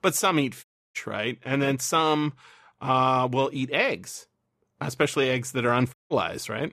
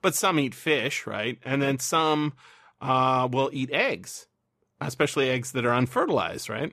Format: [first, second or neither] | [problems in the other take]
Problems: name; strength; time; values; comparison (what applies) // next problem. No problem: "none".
second | audio cutting out; at 0.5 s and at 6 s